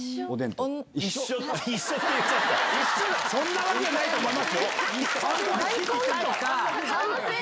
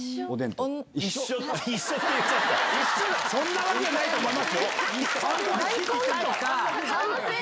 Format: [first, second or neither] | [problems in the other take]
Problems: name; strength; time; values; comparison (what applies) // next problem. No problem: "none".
second | background sound (Shatter); 18 dB below the speech